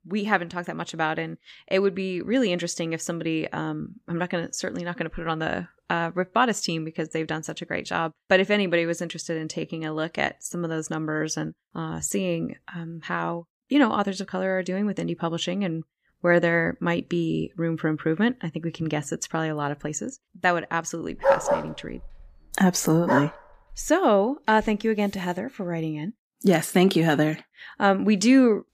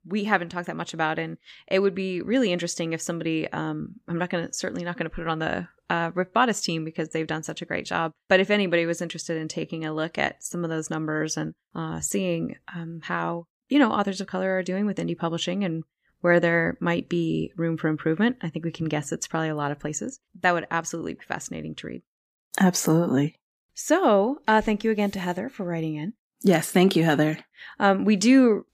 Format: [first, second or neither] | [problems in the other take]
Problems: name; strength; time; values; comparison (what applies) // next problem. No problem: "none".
second | dog barking; loud; from 21 to 23 s; peak 4 dB above the speech